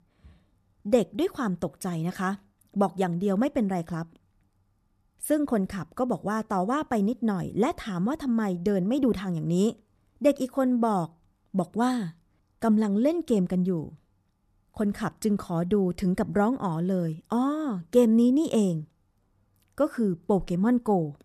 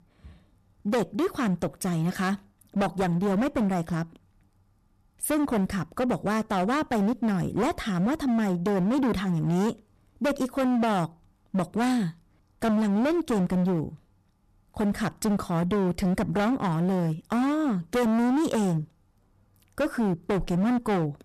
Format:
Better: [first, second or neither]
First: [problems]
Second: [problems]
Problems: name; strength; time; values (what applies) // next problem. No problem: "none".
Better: first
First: none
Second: distortion; heavy; 21% of the sound clipped